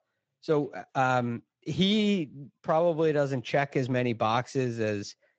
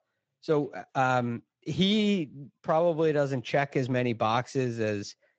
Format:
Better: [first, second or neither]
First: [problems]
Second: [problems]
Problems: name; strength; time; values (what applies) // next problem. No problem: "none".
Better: neither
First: garbled, watery; slightly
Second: garbled, watery; slightly